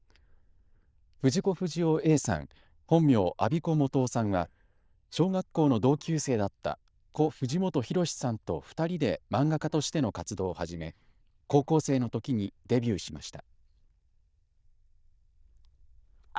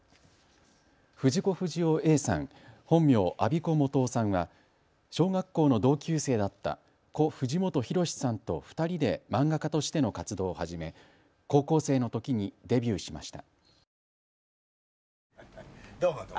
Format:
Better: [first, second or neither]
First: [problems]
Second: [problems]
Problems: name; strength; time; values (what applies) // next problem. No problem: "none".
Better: second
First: noise reduction (neural diffusion model UNIVERSE++)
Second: none